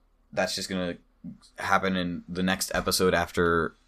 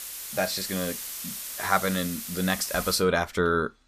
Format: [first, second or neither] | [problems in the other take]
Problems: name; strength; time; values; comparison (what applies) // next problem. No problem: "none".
first | hiss; loud; until 3 s; 7 dB below the speech